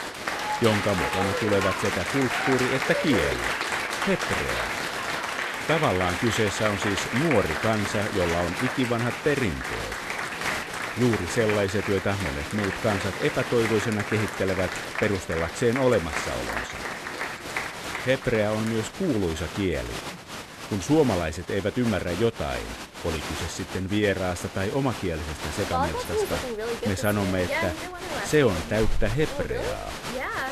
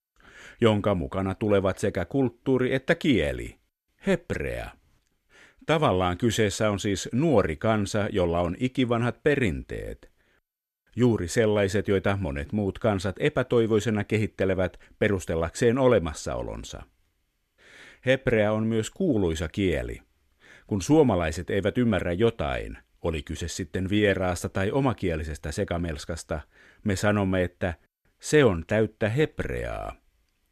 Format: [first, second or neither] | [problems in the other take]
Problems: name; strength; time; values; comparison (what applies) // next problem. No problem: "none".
second | crowd noise; loud; throughout; 3 dB below the speech